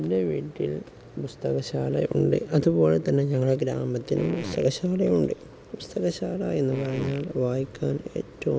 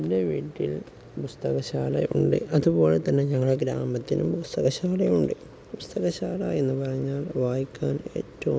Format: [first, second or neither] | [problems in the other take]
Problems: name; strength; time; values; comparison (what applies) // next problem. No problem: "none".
second | background sound (Fart); 14 dB below the speech